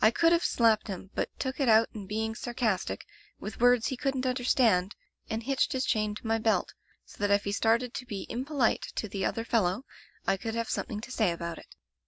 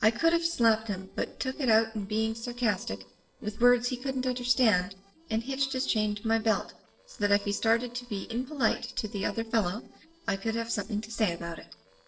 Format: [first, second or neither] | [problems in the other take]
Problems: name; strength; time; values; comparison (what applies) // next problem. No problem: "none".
first | noise reduction (neural separator model SepFormer DNS4)